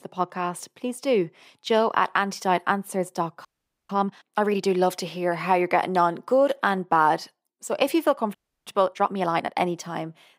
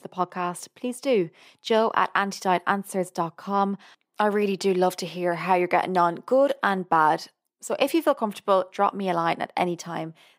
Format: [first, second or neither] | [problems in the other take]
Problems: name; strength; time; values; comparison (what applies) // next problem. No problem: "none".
second | audio freezing; at 3.5 s and at 8.5 s